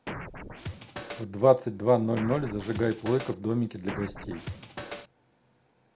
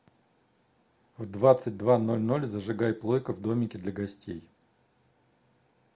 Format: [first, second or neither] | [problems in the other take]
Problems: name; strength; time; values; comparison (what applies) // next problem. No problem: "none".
second | background sound (Scratching (performance technique)); 10 dB below the speech